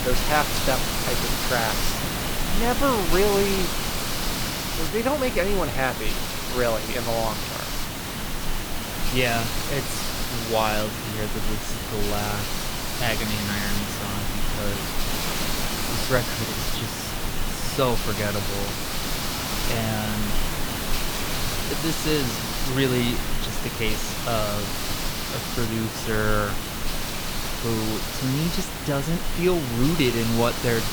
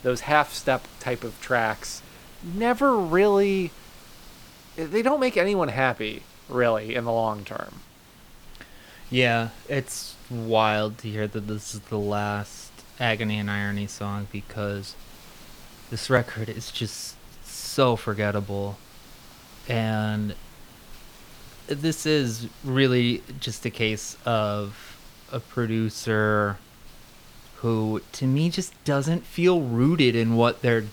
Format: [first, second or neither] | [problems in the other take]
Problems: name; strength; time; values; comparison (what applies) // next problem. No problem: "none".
second | hiss; loud; throughout; as loud as the speech; faint in the second